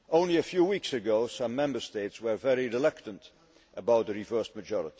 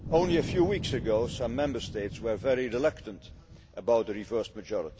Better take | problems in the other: first | background sound (Wind); 9 dB below the speech

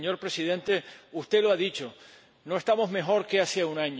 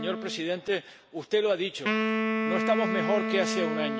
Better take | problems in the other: first | background sound (Wind instrument, woodwind instrument); 1 dB below the speech

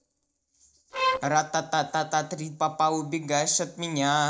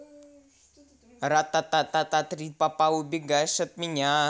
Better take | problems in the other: second | noise reduction (neural separator model SepFormer DNS4)

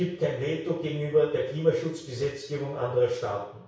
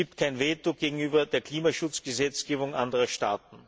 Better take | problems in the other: second | room echo; dies away in 0.6 s

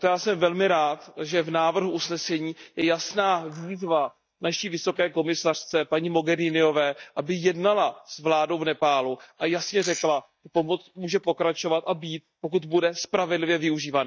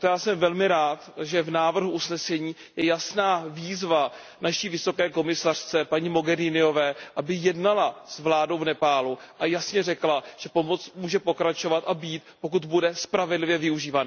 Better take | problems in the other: second | noise reduction (neural mask model DeepFilterNet 3)

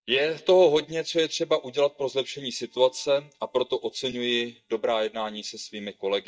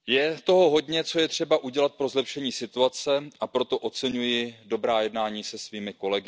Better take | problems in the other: second | noise reduction (neural mask model DeepFilterNet 3)

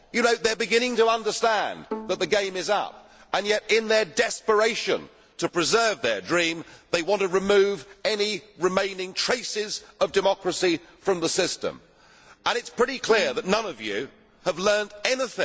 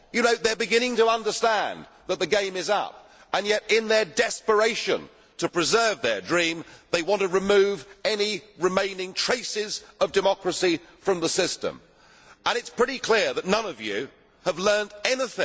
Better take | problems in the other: second | background sound (Bowed string instrument); 17 dB below the speech

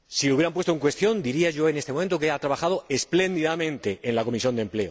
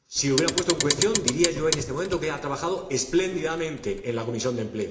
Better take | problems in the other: first | background sound (Clock); 4 dB below the speech // room echo; dies away in 0.8 s

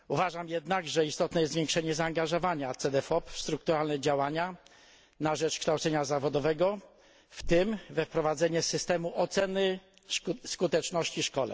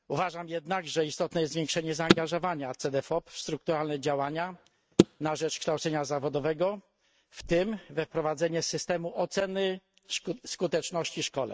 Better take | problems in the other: first | noise reduction (neural mask model RNNoise)

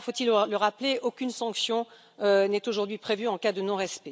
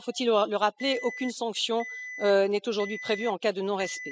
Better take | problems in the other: first | noise reduction (classical method spectral subtraction)

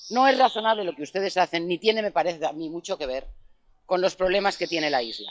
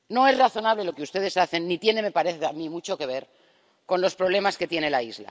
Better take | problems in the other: second | noise reduction (classical method log-MMSE)

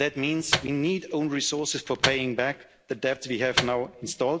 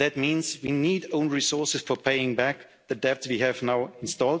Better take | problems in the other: second | background sound (Microwave oven); 6 dB below the speech

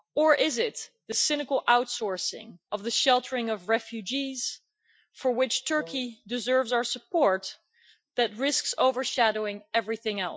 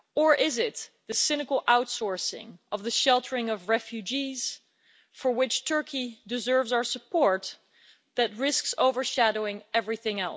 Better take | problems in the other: second | noise reduction (classical method Wiener filter)

